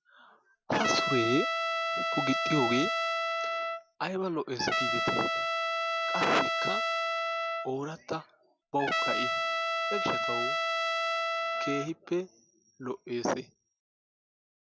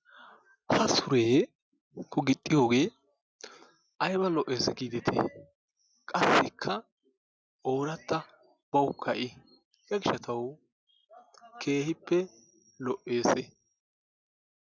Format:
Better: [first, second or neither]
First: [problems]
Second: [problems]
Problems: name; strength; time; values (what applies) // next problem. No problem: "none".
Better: second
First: background sound (Trumpet); 4 dB above the speech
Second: none